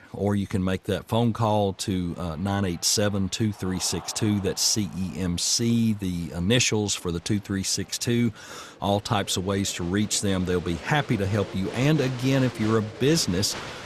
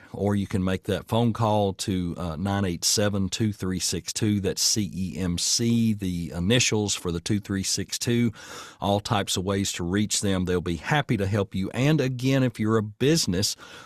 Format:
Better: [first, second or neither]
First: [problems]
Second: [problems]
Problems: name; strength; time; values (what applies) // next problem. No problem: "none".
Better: second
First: crowd noise; noticeable; throughout; 15 dB below the speech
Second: none